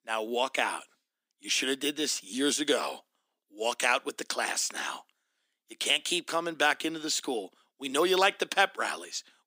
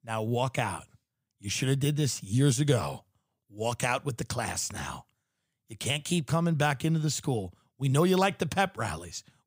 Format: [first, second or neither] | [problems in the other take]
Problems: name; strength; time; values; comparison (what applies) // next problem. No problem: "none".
second | thin; somewhat; fading below 250 Hz